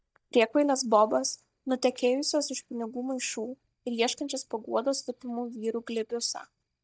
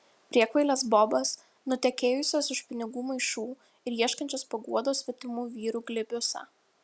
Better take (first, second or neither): second